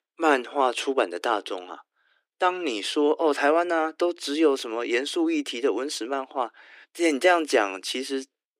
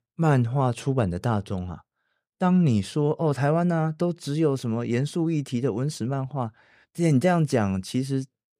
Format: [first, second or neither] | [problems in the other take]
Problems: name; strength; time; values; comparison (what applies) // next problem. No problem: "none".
second | thin; very; fading below 300 Hz